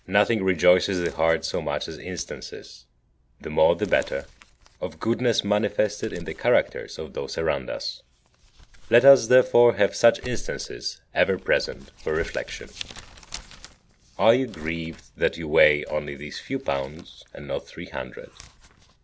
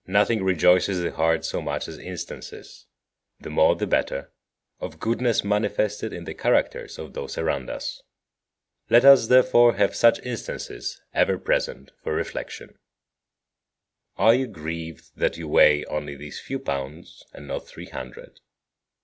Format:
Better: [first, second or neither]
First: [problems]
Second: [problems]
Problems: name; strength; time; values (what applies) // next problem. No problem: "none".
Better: second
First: background sound (Crumpling, crinkling); 19 dB below the speech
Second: none